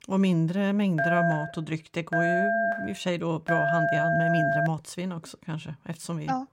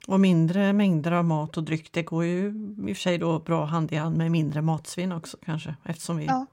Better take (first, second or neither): second